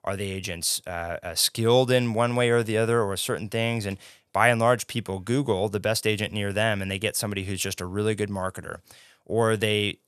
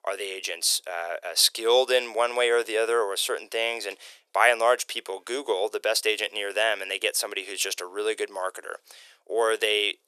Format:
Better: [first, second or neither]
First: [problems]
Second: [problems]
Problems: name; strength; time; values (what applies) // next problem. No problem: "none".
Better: first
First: none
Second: thin; very; fading below 350 Hz